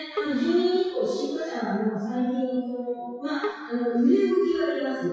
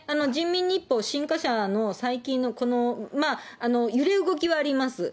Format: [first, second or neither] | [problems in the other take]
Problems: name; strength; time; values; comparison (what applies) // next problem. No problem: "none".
second | noise reduction (classical method WPE with log-MMSE)